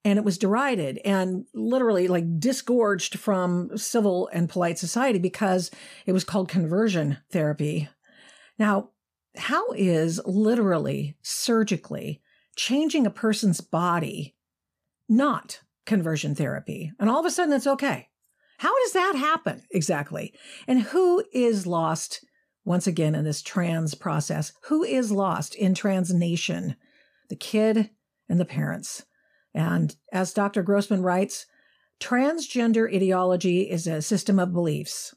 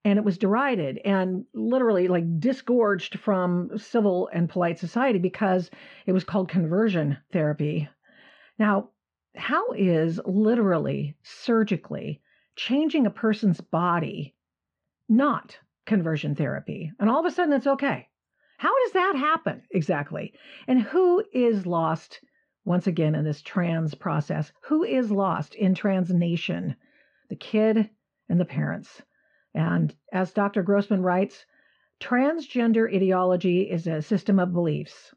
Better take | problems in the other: first | muffled; very; fading above 3 kHz

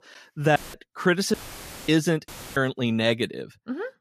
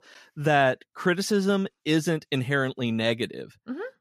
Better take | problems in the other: second | audio cutting out; filled with static; at 0.5 s, at 1.5 s for 0.5 s and at 2.5 s

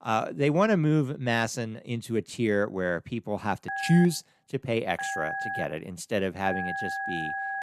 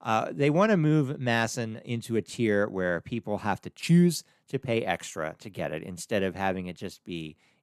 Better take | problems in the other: second | phone ringing; noticeable; from 3.5 s on; peak 3 dB below the speech

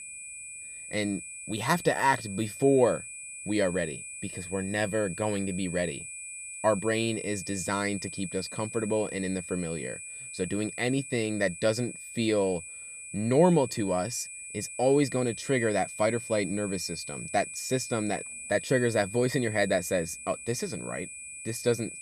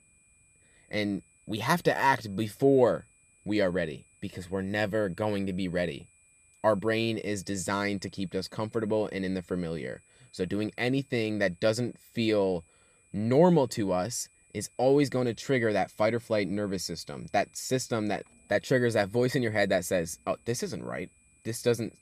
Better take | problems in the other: second | high-pitched whine; loud; throughout; 8 kHz, 10 dB below the speech; faint in the second

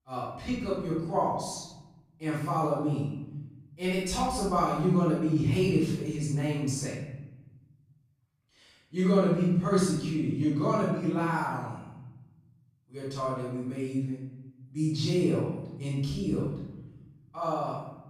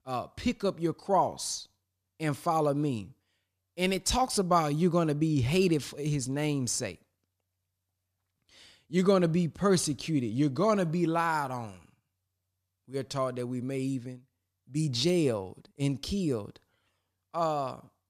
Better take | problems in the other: second | off-mic speech; far // room echo; strong; dies away in 1.2 s

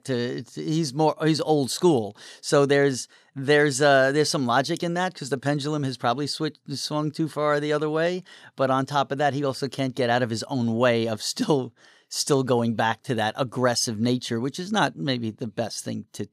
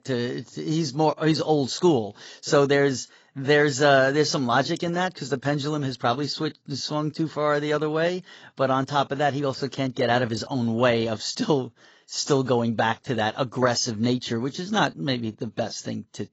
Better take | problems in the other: first | garbled, watery; badly; nothing above 7.5 kHz

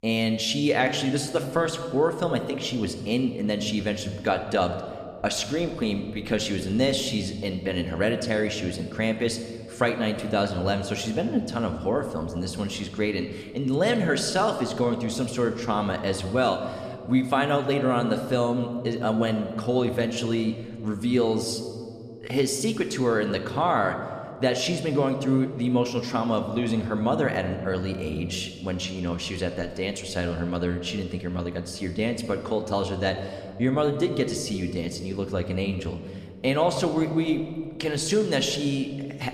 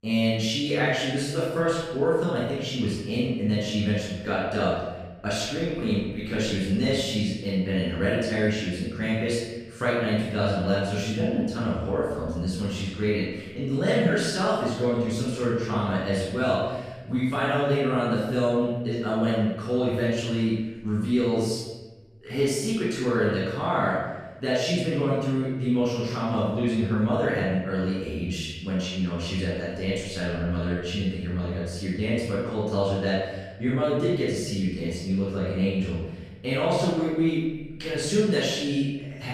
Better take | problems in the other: first | room echo; strong; dies away in 1.2 s; slight in the first // off-mic speech; far

